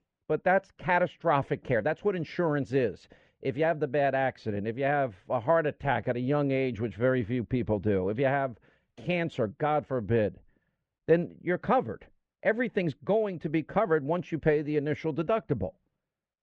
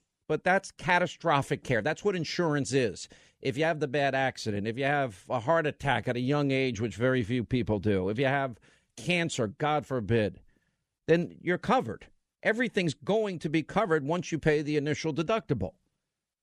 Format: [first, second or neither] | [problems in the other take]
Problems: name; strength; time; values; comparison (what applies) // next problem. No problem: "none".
second | muffled; very; fading above 2 kHz